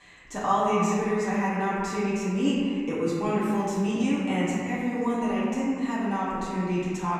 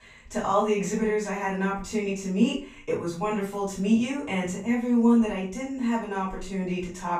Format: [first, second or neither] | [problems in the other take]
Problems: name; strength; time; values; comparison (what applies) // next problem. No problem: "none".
second | room echo; strong; dies away in 2.1 s; slight in the second // off-mic speech; far; far in the second